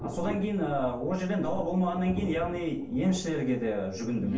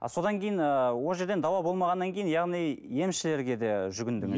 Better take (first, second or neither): second